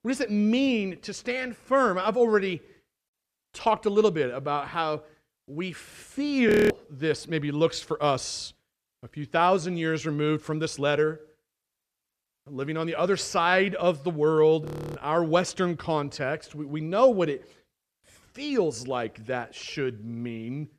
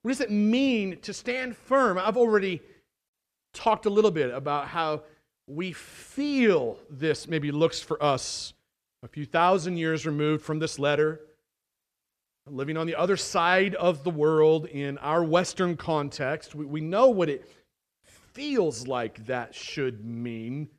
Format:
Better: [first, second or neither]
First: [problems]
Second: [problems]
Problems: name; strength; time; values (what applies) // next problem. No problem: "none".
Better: second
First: audio freezing; at 6.5 s and at 15 s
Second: none